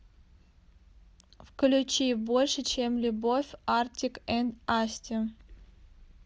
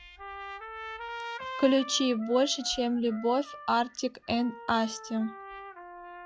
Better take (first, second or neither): first